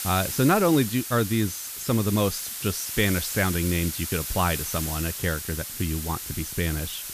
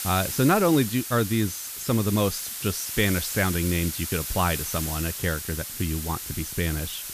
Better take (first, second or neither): neither